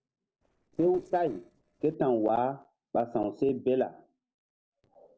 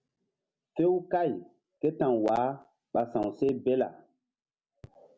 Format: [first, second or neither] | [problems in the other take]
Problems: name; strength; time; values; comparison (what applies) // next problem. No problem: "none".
second | noise reduction (neural separator model SepFormer DNS4)